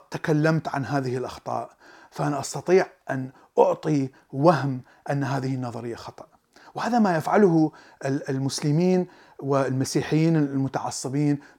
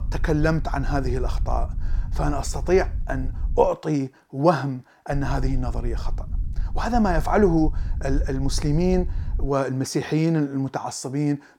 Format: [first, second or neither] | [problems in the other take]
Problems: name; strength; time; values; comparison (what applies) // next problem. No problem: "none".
first | low rumble; faint; until 3.5 s and from 5 to 9.5 s; 25 dB below the speech